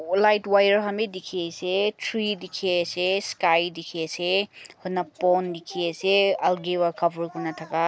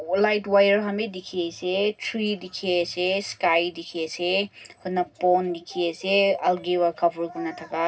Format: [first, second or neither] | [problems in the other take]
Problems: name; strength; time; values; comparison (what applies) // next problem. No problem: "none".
first | room echo; dies away in 0.4 s